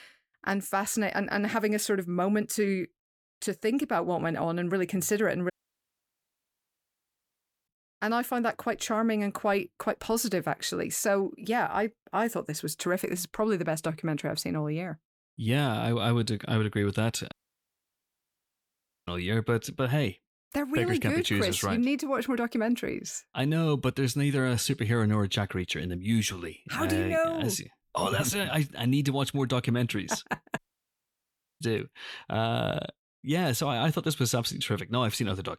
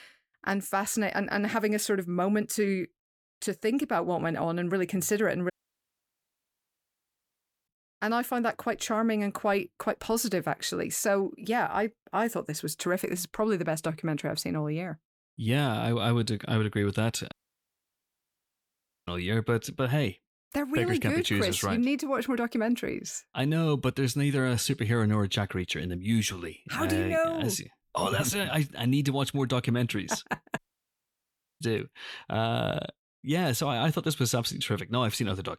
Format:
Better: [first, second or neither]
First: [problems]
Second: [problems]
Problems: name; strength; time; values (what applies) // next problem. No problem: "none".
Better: neither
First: audio cutting out; at 5.5 s for 2 s, at 17 s for 2 s and at 31 s for 1 s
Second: audio cutting out; at 5.5 s for 2 s, at 17 s for 2 s and at 31 s for 1 s